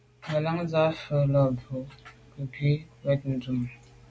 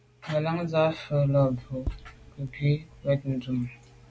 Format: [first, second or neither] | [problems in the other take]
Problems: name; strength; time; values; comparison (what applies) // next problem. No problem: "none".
first | background sound (Tap); 15 dB below the speech